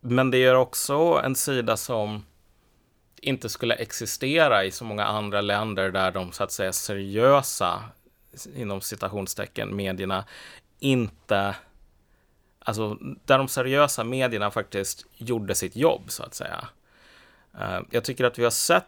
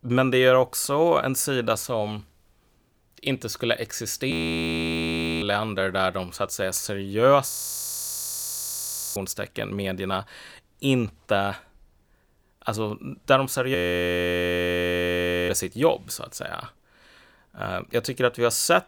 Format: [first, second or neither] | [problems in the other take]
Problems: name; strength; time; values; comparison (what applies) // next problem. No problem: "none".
first | audio freezing; at 4.5 s for 1 s, at 7.5 s for 1.5 s and at 14 s for 1.5 s